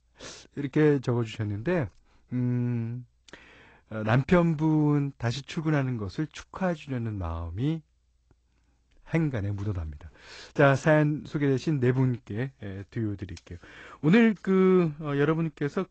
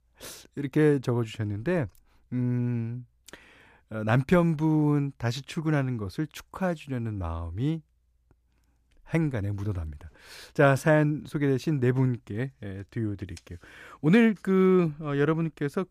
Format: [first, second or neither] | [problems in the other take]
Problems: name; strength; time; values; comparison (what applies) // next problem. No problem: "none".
second | garbled, watery; slightly; nothing above 8 kHz